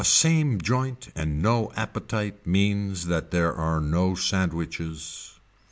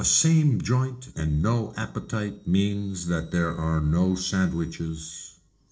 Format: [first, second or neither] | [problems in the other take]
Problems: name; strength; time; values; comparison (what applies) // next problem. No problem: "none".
first | noise reduction (neural separator model SepFormer DNS4)